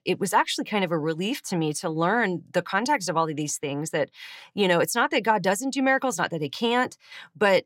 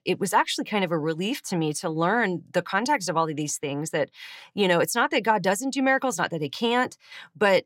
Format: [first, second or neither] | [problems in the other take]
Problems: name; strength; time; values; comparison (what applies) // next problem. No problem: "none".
neither | none